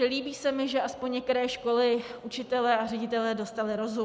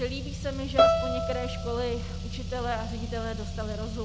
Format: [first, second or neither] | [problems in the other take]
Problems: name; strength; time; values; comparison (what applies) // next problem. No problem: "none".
first | background sound (Car + Bowed string instrument); 5 dB above the speech